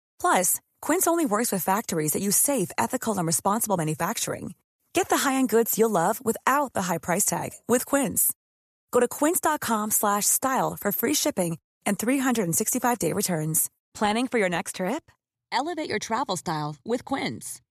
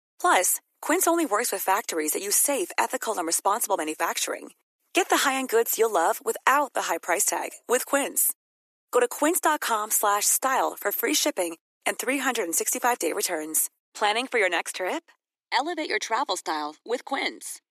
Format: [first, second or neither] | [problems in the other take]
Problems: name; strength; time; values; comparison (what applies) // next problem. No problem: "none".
first | thin; somewhat; fading below 300 Hz